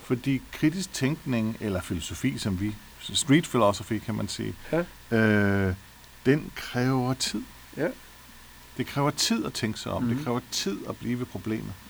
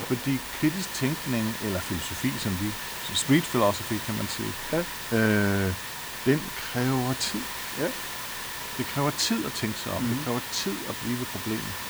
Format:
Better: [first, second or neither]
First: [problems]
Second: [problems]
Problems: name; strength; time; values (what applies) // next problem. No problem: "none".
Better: first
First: hiss; faint; throughout; 20 dB below the speech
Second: hiss; loud; throughout; 5 dB below the speech